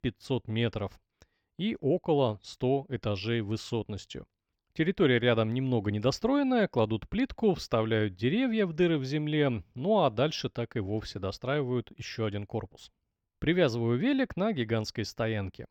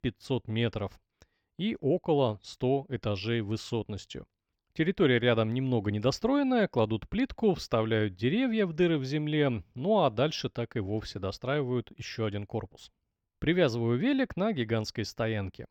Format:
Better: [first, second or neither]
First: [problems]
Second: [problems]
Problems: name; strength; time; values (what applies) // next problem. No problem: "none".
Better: neither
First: none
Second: none